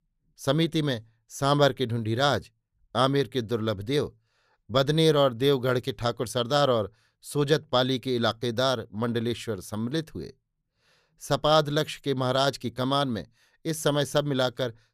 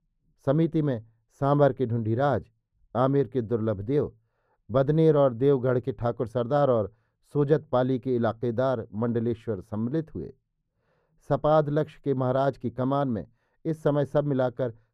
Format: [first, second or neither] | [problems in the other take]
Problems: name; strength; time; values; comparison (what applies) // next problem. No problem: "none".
first | muffled; very; fading above 2 kHz